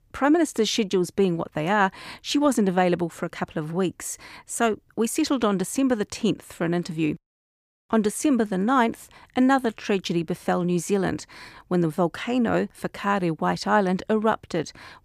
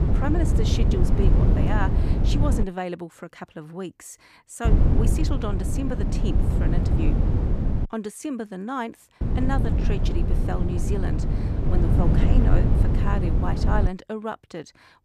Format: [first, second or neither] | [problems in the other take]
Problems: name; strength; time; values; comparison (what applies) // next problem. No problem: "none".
first | low rumble; loud; until 2.5 s, from 4.5 to 8 s and from 9 to 14 s; 1 dB below the speech